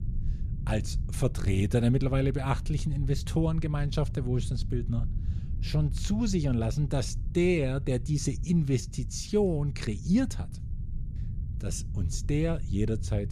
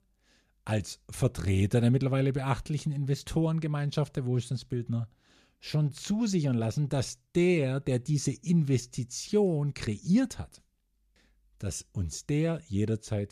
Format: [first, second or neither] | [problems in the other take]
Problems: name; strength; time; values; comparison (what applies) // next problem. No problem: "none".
second | low rumble; noticeable; throughout; 15 dB below the speech